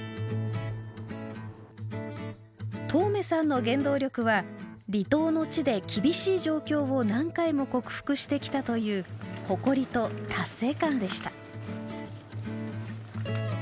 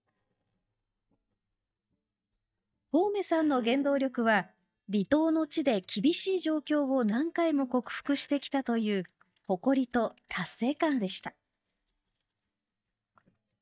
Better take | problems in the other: first | noise reduction (neural mask model DeepFilterNet 3)

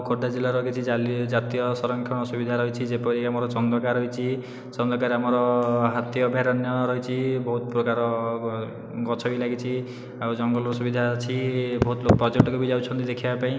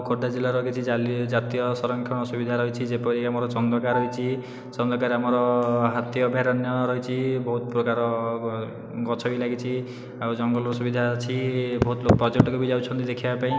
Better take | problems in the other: first | background sound (Piano); 20 dB below the speech

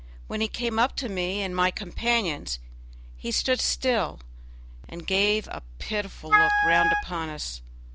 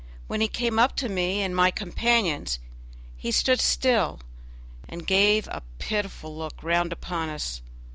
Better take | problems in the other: second | background sound (Wind instrument, woodwind instrument); 5 dB above the speech

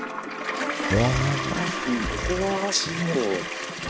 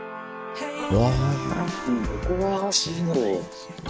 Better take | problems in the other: second | background sound (Toilet flush); 5 dB below the speech

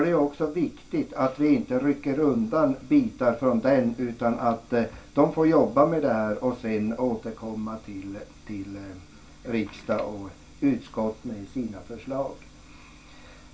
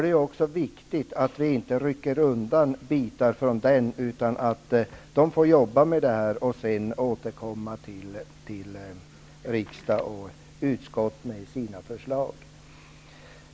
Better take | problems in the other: second | room echo; dies away in 0.2 s

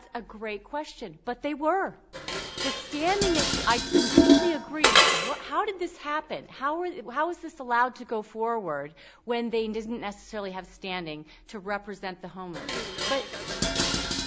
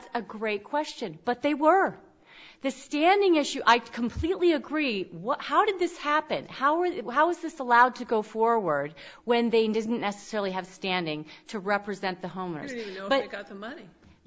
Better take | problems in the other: second | background sound (Dishes, pots, and pans); 2 dB above the speech

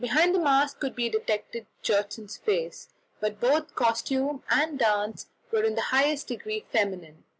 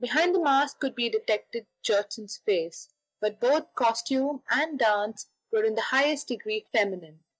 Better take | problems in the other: first | noise reduction (neural mask model DeepFilterNet 3)

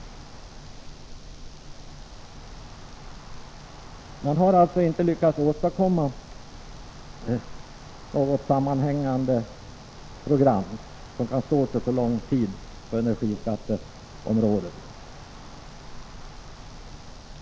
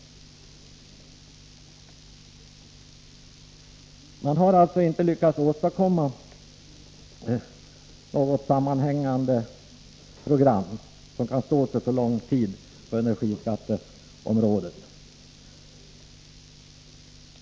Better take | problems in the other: second | background sound (Wind); 14 dB below the speech

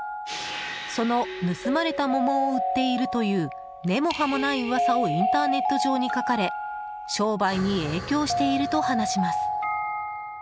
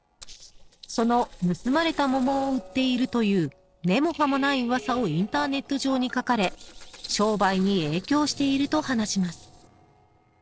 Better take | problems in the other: first | noise reduction (neural separator model SepFormer DNS4)

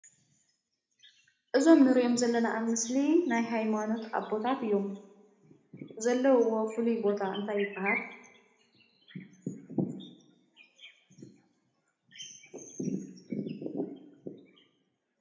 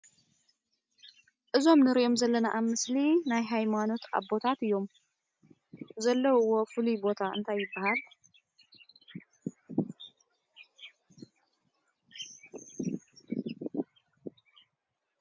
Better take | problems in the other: second | room echo; dies away in 0.7 s

